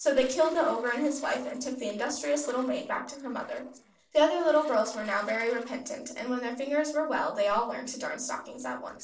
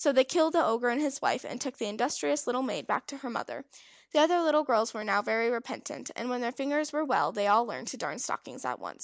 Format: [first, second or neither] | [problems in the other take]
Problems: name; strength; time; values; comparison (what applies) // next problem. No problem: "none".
second | noise reduction (neural separator model SepFormer DNS4)